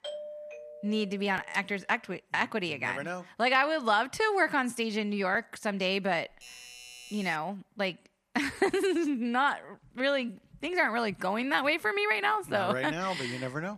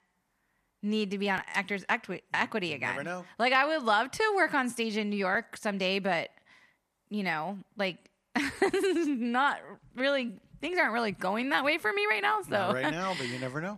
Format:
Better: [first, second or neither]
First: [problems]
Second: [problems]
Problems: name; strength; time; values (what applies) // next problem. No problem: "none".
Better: second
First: doorbell; faint; until 1.5 s and from 6.5 to 7.5 s; peak 10 dB below the speech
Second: none